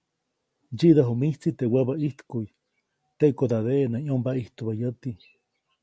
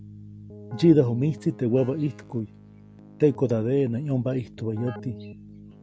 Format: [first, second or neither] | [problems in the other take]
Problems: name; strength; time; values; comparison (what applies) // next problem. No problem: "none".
first | background sound (Keyboard (musical)); 17 dB below the speech